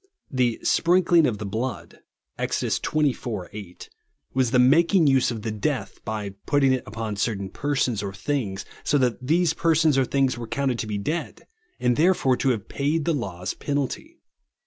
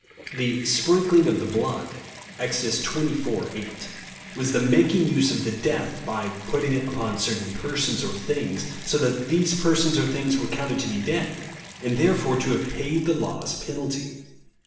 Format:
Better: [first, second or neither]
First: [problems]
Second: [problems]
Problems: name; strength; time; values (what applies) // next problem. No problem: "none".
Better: first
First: none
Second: background sound (Bathtub (filling or washing) / Water tap, faucet); 17 dB below the speech // room echo; dies away in 0.9 s